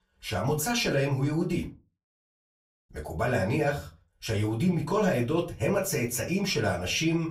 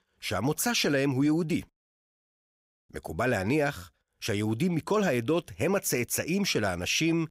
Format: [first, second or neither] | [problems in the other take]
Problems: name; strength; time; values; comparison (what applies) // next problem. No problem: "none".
second | off-mic speech; far // room echo; very slight; dies away in 0.3 s